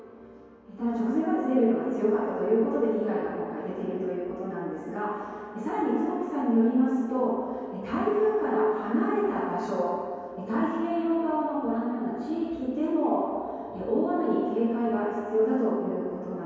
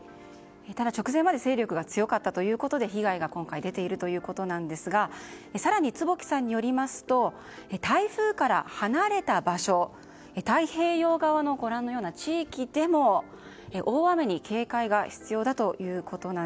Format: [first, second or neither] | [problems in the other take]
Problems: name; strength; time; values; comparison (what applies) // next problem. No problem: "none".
second | room echo; dies away in 2.2 s